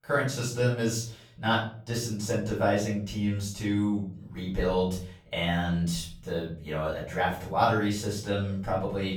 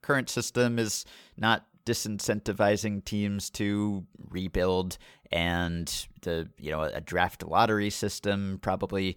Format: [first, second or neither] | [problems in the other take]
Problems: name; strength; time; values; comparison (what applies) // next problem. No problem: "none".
second | off-mic speech; far // room echo; noticeable; dies away in 0.5 s